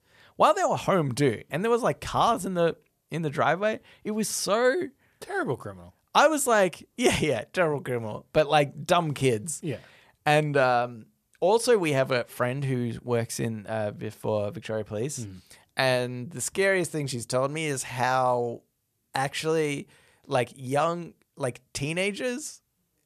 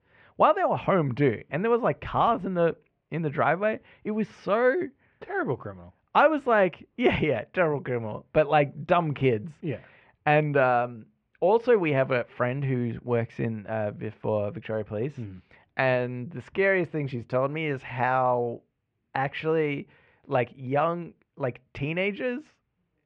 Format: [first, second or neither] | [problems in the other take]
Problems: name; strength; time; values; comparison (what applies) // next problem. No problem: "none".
first | muffled; very; fading above 2.5 kHz